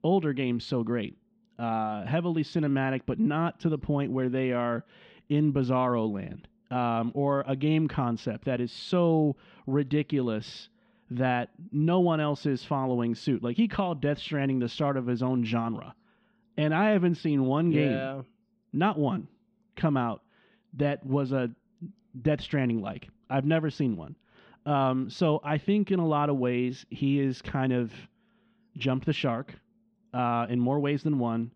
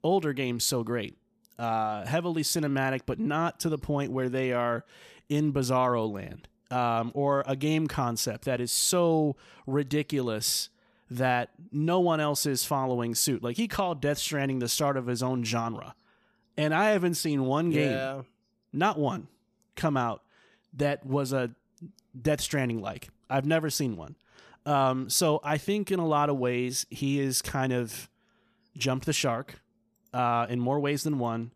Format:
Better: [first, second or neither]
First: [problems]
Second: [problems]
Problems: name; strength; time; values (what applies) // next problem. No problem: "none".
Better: second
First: muffled; slightly; fading above 3.5 kHz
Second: none